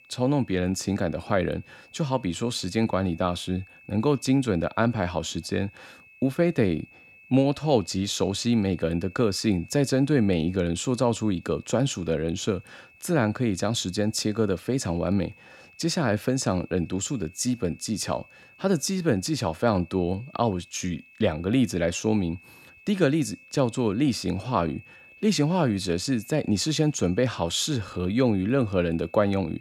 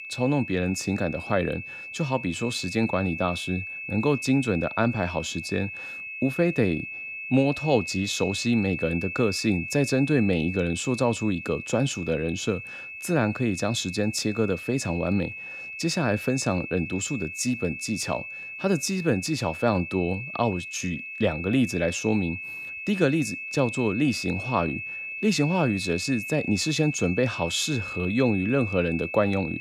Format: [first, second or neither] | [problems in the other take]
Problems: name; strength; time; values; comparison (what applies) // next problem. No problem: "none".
first | high-pitched whine; loud; throughout; 2.5 kHz, 8 dB below the speech; faint in the first